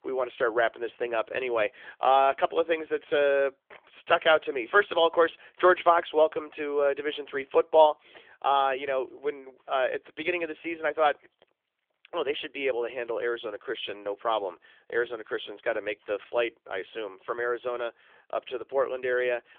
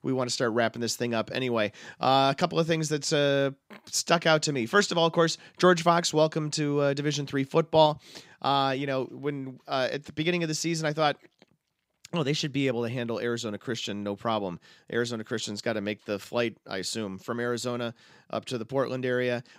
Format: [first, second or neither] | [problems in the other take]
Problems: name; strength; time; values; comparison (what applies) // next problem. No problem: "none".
second | phone-call audio; nothing above 3.5 kHz